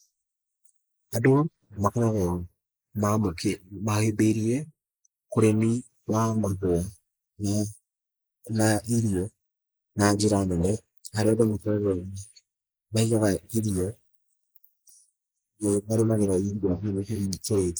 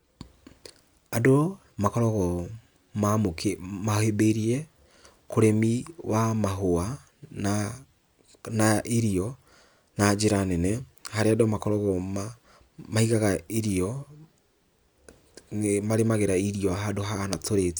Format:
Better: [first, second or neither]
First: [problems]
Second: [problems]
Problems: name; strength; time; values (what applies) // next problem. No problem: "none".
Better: second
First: noise reduction (neural mask model Resemble Enhance denoiser)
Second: none